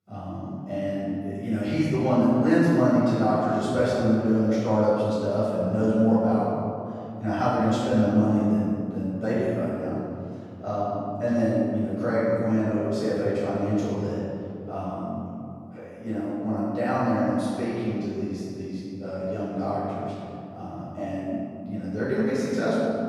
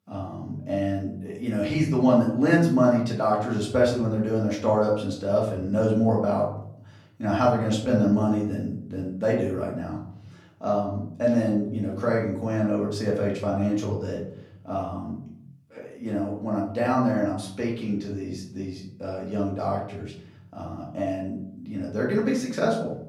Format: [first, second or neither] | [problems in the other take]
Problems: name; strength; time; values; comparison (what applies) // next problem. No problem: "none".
second | room echo; strong; dies away in 2.6 s; slight in the second // off-mic speech; far; far in the second